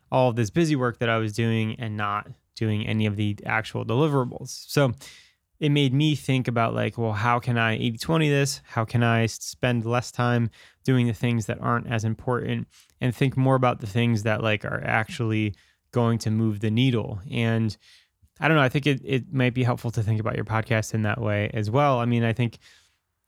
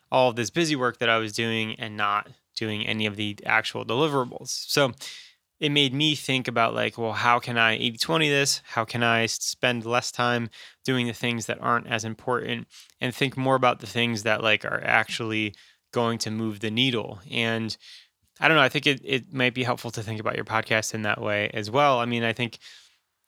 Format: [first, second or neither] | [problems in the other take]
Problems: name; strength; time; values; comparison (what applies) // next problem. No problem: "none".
first | thin; somewhat; fading below 450 Hz